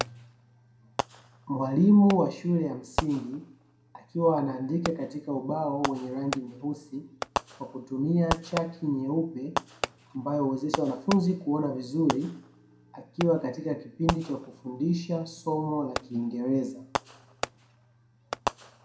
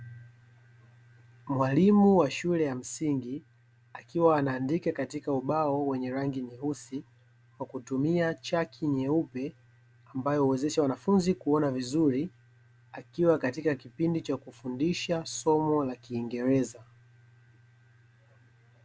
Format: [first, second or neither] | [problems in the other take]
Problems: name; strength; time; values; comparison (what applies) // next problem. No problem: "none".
second | background sound (Fireworks); 9 dB below the speech // room echo; dies away in 0.4 s